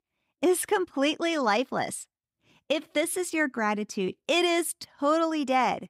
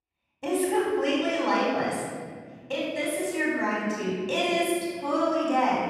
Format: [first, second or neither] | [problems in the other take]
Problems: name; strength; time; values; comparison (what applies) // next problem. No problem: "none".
first | off-mic speech; far // room echo; strong; dies away in 2.8 s